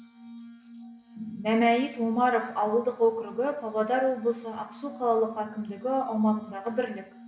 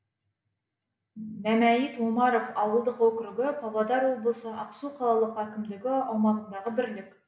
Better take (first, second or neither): second